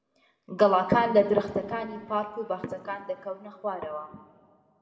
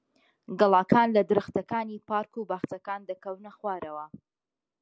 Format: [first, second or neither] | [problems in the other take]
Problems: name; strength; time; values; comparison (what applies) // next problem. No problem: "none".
second | room echo; dies away in 1.9 s